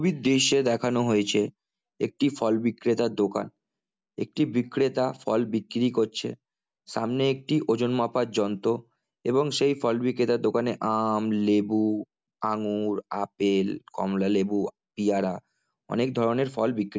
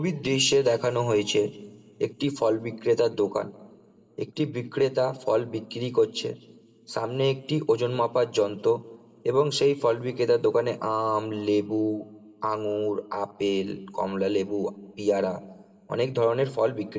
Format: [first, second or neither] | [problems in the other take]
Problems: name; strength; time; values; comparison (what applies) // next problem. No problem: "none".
first | room echo; dies away in 1.7 s